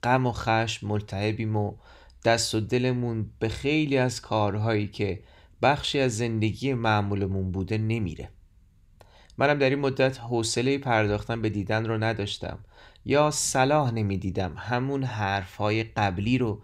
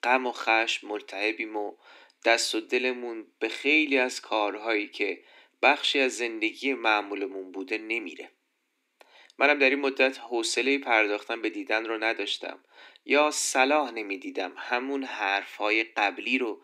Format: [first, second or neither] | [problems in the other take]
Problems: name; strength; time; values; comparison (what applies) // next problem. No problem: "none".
first | thin; somewhat; fading below 250 Hz